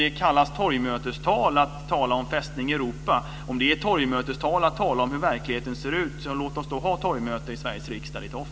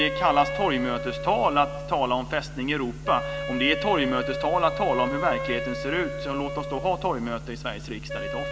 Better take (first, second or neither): first